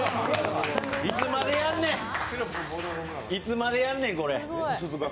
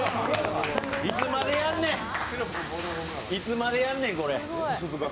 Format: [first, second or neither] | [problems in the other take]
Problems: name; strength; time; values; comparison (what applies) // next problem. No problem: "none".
first | background sound (Aircraft); 15 dB below the speech